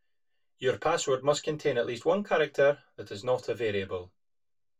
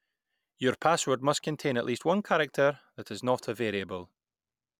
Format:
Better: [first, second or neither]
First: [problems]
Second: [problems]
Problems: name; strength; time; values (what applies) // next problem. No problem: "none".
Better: second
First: room echo; dies away in 0.2 s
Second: none